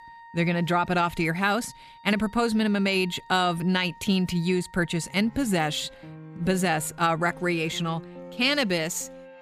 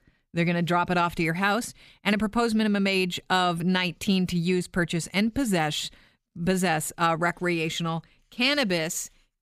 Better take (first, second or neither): second